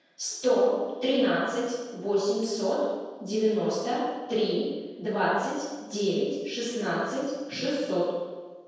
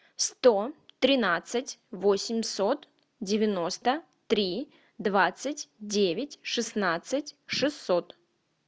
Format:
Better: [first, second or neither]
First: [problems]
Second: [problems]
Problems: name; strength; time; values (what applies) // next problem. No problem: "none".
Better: second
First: room echo; dies away in 1.2 s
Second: none